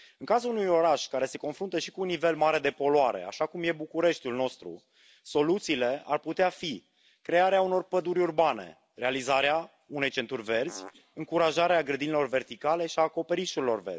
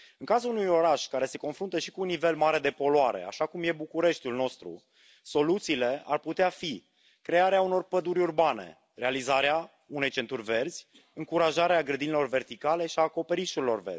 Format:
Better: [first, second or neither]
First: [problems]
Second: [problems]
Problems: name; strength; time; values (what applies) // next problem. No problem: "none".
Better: second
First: background sound (Fart); 16 dB below the speech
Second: none